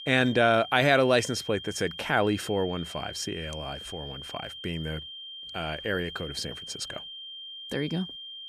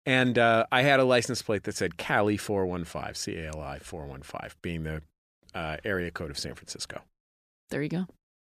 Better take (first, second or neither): second